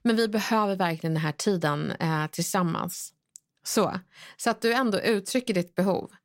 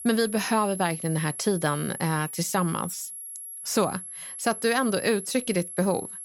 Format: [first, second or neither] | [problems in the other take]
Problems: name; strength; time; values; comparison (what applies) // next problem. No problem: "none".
first | high-pitched whine; loud; throughout; 11 kHz, 9 dB below the speech